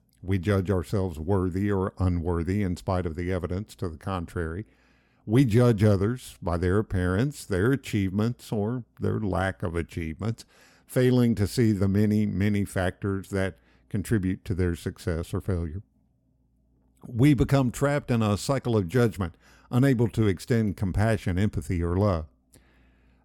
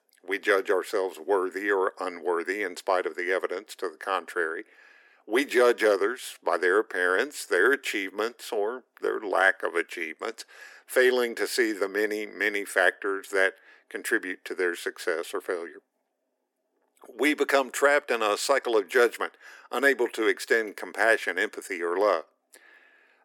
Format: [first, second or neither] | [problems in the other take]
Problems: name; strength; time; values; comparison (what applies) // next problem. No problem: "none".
first | thin; very; fading below 350 Hz